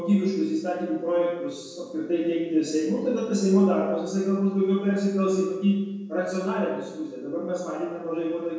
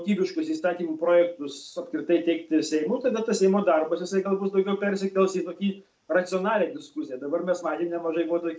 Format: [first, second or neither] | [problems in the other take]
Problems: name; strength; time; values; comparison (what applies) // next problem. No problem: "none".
second | room echo; dies away in 1 s